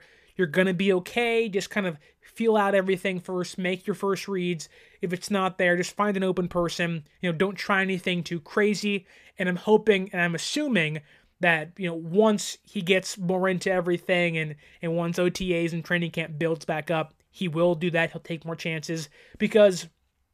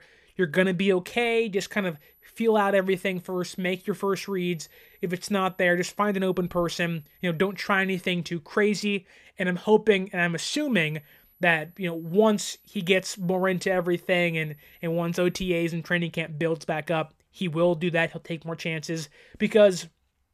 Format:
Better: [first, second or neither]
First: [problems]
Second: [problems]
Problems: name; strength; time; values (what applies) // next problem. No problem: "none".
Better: first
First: none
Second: high-pitched whine; faint; from 1.5 to 8 s and from 11 to 16 s; 12 kHz, 30 dB below the speech